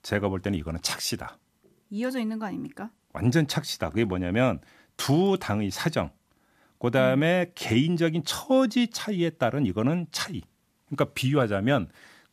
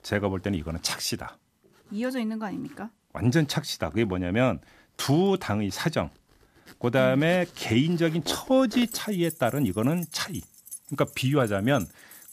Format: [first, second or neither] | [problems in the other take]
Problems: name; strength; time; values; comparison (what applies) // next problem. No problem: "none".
first | household noises; noticeable; throughout; 15 dB below the speech